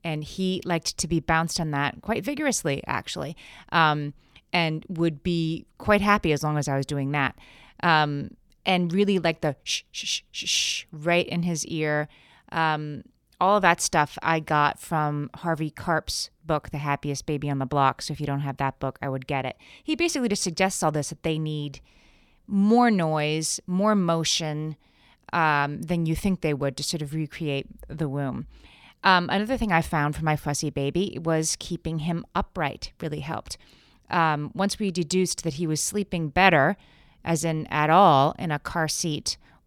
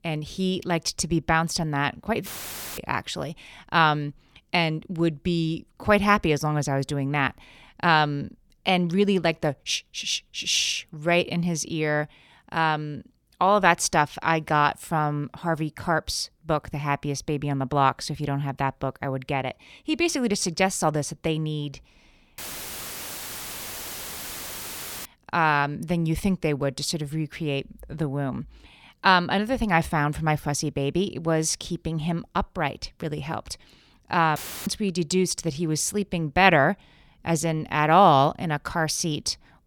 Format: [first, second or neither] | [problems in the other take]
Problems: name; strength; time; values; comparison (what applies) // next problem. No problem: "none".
first | audio cutting out; filled with static; at 2.5 s for 0.5 s, at 22 s for 2.5 s and at 34 s